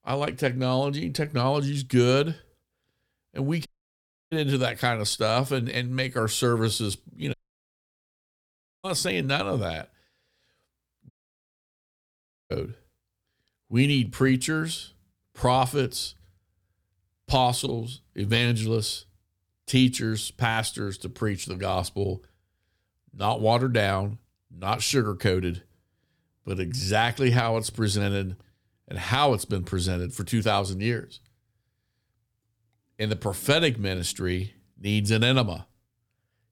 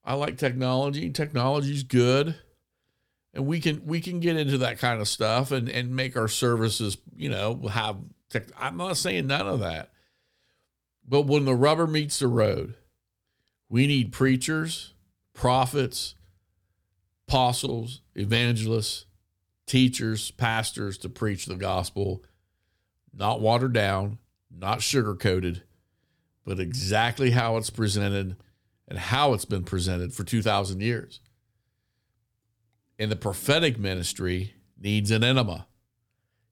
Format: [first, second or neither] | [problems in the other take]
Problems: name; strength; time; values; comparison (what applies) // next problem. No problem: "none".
second | audio cutting out; at 3.5 s for 0.5 s, at 7.5 s for 1.5 s and at 11 s for 1.5 s